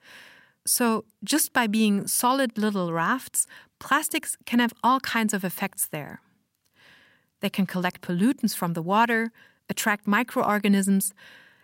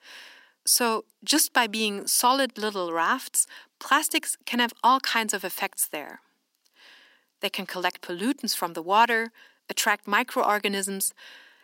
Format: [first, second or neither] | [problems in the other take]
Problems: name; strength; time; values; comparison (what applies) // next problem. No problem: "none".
first | thin; somewhat; fading below 300 Hz